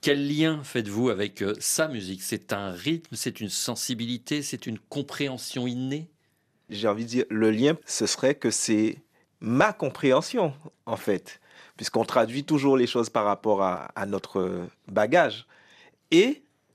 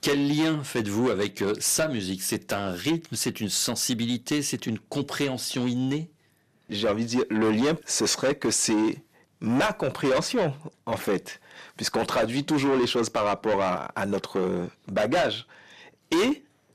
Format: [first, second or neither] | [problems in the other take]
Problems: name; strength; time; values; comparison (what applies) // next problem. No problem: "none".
first | distortion; heavy; 6 dB below the speech